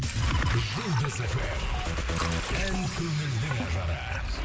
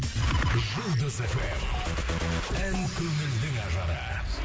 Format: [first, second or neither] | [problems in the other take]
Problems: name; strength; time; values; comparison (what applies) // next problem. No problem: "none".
second | background sound (Sink (filling or washing) / Water); 12 dB below the speech